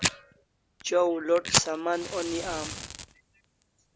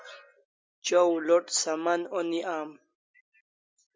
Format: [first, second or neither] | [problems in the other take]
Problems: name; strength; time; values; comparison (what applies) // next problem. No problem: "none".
second | background sound (Fire); 4 dB below the speech